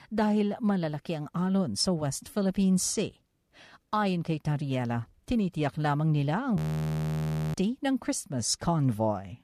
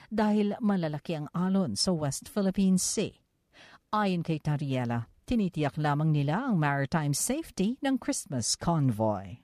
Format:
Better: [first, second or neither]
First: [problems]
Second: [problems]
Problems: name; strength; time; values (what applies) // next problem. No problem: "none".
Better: second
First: audio freezing; at 6.5 s for 1 s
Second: none